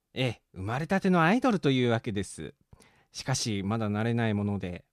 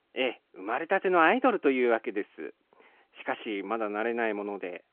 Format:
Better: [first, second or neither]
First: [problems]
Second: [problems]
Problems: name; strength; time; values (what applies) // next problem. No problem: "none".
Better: first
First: none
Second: phone-call audio